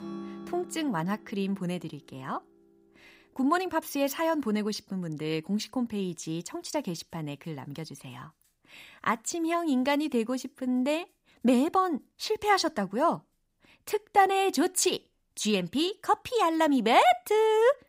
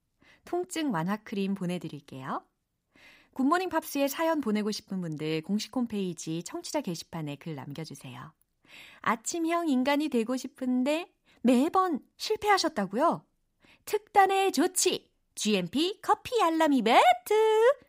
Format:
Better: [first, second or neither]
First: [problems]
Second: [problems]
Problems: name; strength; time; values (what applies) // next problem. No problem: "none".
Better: second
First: background music; noticeable; throughout; 20 dB below the speech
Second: none